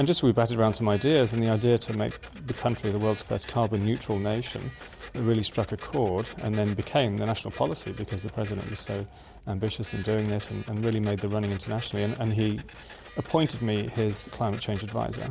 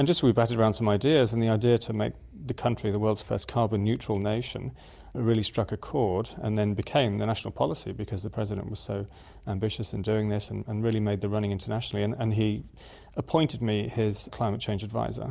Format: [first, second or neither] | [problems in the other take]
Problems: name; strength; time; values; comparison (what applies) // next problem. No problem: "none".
second | background sound (Printer); 19 dB below the speech